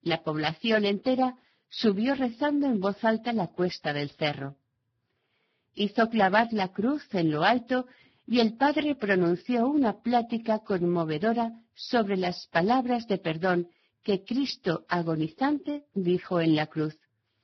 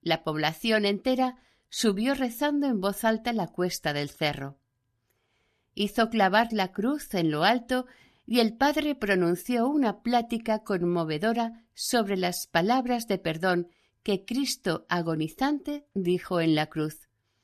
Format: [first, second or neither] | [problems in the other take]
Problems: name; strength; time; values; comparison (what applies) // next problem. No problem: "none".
second | garbled, watery; badly; nothing above 5.5 kHz